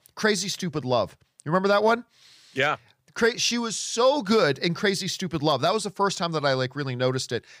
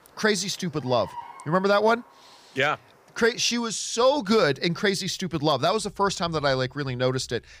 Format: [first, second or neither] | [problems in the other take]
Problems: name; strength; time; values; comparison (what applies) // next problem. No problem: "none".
first | animal sounds; faint; throughout; 25 dB below the speech